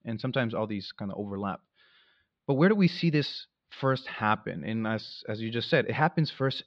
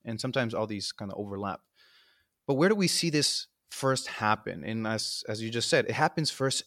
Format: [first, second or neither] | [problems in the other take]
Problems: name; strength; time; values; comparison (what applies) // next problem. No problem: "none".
second | muffled; slightly; fading above 4 kHz